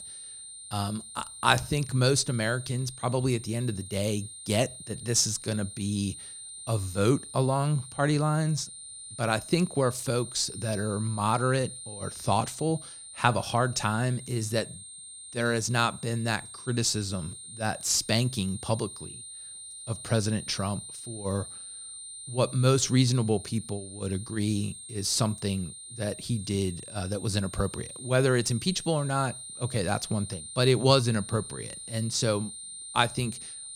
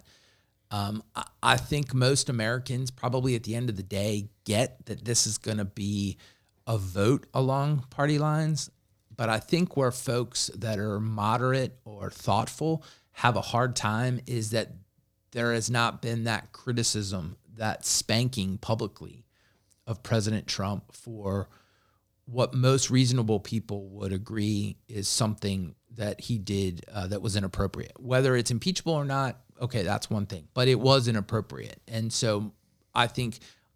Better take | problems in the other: second | high-pitched whine; noticeable; throughout; 9 kHz, 10 dB below the speech

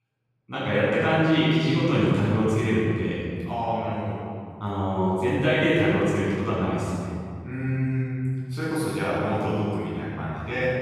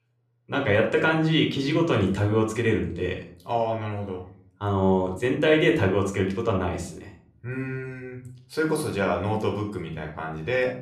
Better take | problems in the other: second | room echo; strong; dies away in 2.3 s; slight in the second // off-mic speech; far; somewhat distant in the second

